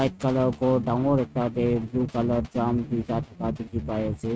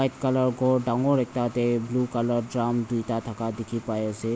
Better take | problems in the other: second | noise reduction (neural mask model RNNoise)

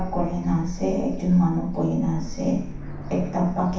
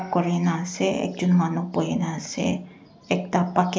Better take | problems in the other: second | background sound (Aircraft); 8 dB below the speech // room echo; dies away in 0.7 s

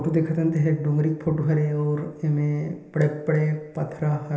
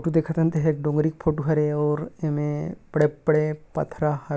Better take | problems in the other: second | room echo; dies away in 1.4 s

